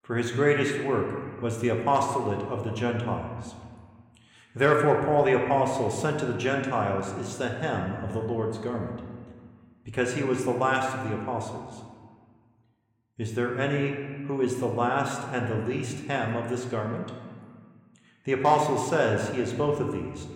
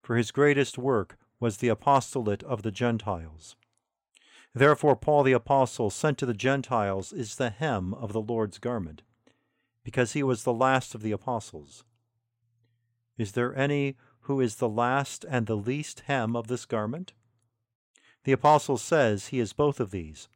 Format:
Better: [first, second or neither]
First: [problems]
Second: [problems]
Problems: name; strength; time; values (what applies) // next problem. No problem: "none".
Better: second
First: room echo; slight; dies away in 1.6 s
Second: none